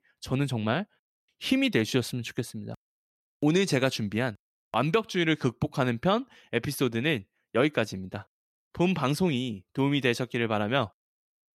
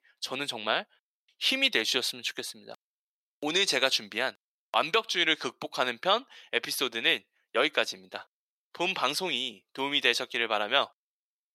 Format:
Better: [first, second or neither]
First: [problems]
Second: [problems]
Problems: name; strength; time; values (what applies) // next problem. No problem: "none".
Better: first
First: none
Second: thin; very; fading below 600 Hz